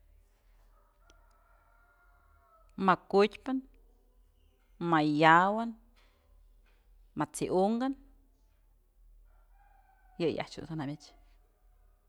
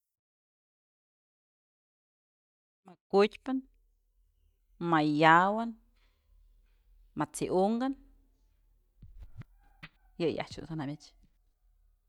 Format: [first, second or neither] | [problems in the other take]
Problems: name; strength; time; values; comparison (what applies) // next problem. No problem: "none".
first | noise reduction (neural mask model DeepFilterNet 3)